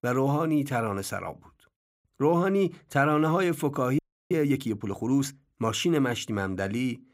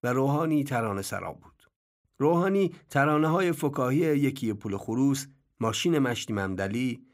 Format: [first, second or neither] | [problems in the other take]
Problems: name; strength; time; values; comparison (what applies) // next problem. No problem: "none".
second | audio freezing; at 4 s